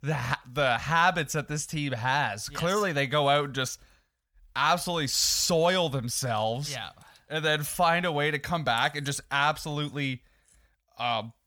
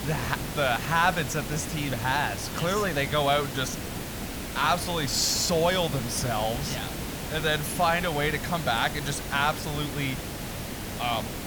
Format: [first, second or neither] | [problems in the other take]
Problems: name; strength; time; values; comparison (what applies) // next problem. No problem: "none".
first | hiss; loud; throughout; 7 dB below the speech